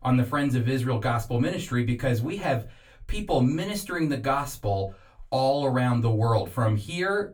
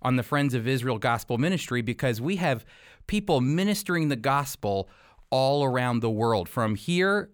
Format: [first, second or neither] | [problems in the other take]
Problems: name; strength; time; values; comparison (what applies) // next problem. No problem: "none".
second | off-mic speech; far // room echo; very slight; dies away in 0.2 s